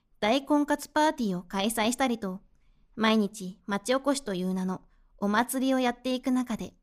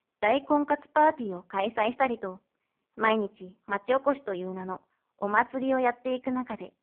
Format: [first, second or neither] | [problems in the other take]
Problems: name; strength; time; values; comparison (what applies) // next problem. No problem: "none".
first | phone-call audio; poor line; nothing above 3.5 kHz